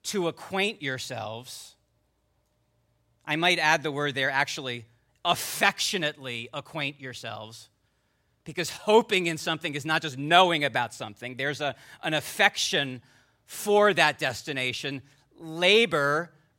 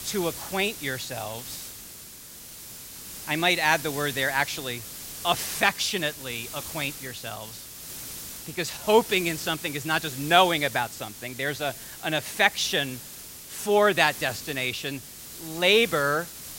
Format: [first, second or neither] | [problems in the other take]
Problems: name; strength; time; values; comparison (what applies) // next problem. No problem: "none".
first | hiss; noticeable; throughout; 10 dB below the speech